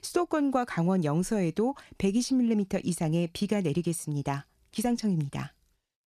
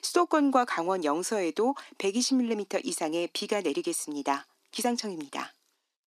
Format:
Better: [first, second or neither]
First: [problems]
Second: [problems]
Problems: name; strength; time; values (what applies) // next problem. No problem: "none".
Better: first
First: none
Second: thin; somewhat; fading below 250 Hz